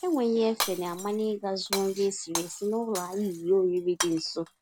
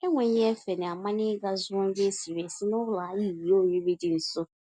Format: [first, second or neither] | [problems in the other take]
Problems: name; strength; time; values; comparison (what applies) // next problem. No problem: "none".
second | background sound (Shatter); 10 dB below the speech